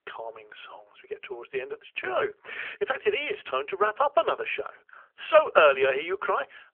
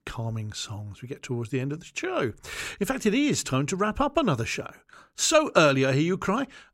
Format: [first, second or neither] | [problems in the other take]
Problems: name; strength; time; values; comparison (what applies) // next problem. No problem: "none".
second | phone-call audio; nothing above 3 kHz